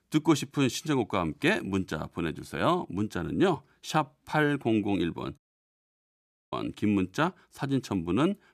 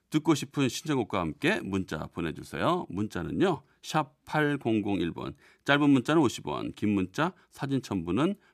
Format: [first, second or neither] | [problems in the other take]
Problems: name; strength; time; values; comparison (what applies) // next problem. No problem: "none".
second | audio cutting out; at 5.5 s for 1 s